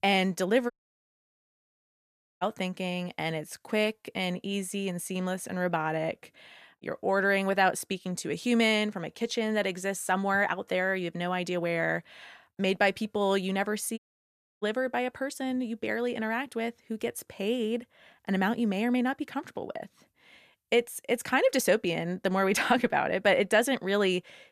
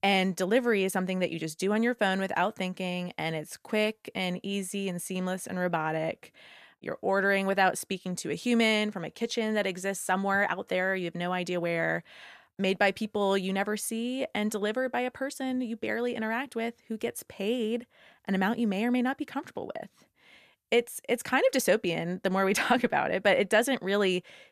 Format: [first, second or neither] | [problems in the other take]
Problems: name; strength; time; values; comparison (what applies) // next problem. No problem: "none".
second | audio cutting out; at 0.5 s for 1.5 s and at 14 s for 0.5 s